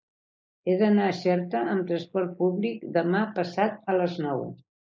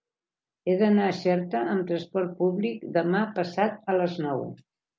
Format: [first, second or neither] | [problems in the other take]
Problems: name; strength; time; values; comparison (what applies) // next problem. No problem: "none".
second | noise reduction (neural mask model Resemble Enhance denoiser)